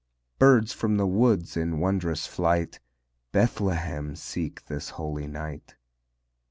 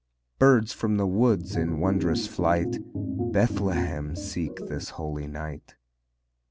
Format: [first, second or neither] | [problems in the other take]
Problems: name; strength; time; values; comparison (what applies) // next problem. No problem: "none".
first | background sound (Organ); 4 dB below the speech